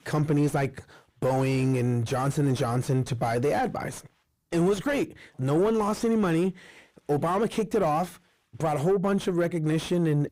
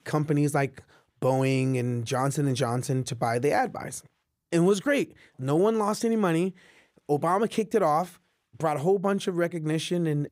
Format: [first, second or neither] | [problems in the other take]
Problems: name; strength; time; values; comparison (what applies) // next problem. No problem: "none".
second | distortion; slight; 10 dB below the speech